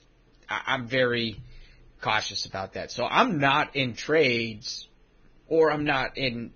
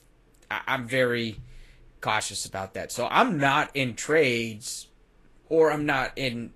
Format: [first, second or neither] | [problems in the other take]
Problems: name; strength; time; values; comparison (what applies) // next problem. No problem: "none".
second | garbled, watery; badly; nothing above 6.5 kHz; slightly in the second